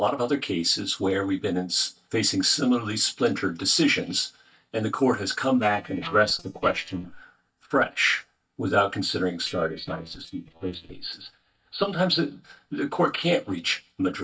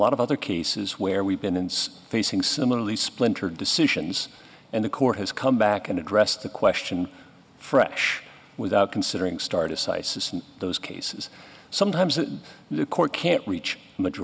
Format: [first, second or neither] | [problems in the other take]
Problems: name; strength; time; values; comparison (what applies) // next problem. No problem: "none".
second | noise reduction (neural mask model DeepFilterNet 3)